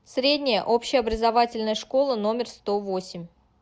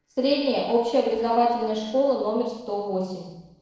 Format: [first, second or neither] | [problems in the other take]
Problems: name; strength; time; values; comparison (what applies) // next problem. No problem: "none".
first | noise reduction (neural separator model SepFormer DNS4)